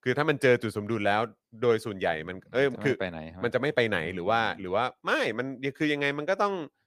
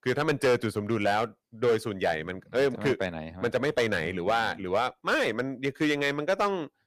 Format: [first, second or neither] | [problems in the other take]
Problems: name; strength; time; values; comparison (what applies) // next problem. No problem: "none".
first | distortion; slight; 5% of the sound clipped